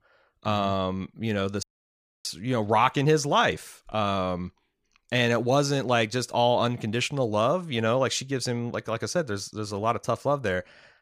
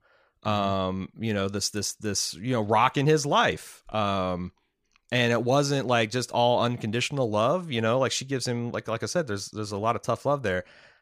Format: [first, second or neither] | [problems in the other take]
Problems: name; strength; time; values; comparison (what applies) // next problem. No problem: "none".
second | audio cutting out; at 1.5 s for 0.5 s